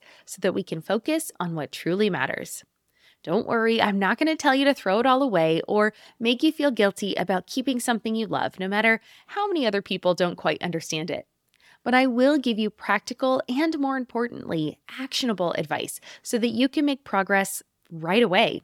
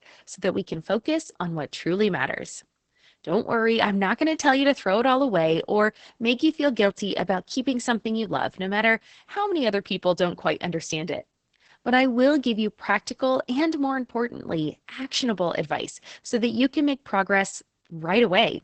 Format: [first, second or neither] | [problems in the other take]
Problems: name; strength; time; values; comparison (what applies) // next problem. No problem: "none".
first | garbled, watery; badly; nothing above 8 kHz